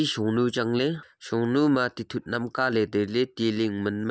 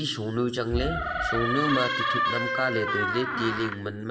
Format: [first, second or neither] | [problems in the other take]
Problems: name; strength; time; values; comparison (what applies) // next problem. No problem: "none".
first | background sound (Door); 1 dB above the speech // room echo; dies away in 1 s